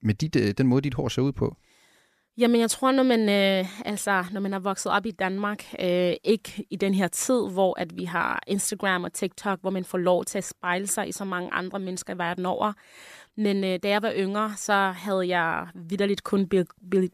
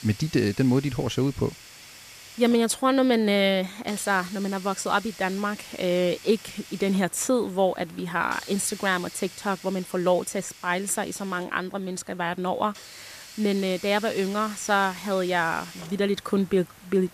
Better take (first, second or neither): first